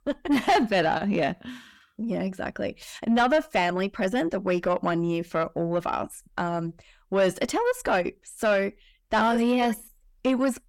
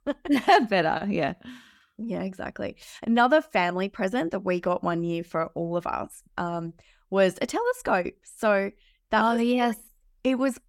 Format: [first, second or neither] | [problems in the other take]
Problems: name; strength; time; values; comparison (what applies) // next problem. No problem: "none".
second | distortion; slight; 10 dB below the speech